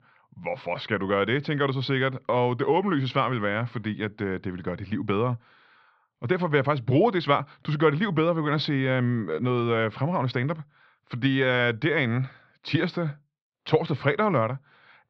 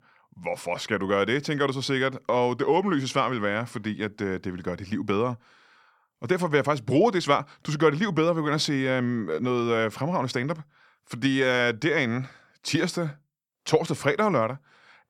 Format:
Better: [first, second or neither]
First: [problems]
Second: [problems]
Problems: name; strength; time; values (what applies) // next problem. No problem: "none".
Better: second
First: muffled; very slightly; fading above 4 kHz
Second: none